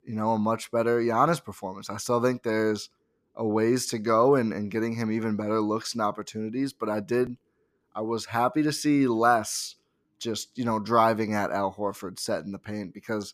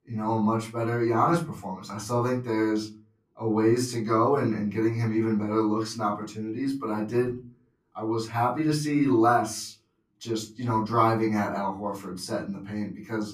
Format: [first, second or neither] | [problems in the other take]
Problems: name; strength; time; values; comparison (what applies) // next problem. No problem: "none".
first | off-mic speech; far // room echo; very slight; dies away in 0.4 s